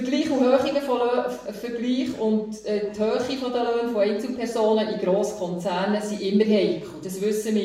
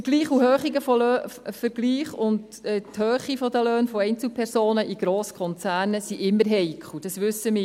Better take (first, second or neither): second